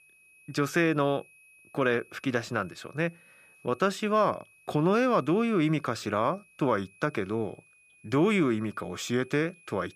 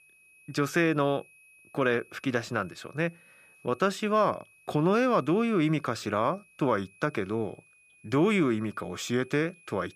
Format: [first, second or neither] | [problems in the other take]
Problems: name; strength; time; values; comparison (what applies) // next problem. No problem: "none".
neither | high-pitched whine; faint; throughout; 2.5 kHz, 30 dB below the speech; the same in both